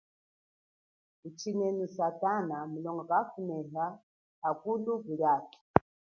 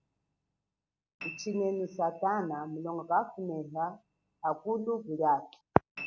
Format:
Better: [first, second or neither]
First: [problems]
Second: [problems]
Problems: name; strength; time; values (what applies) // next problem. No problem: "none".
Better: first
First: none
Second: background sound (Piano); 19 dB below the speech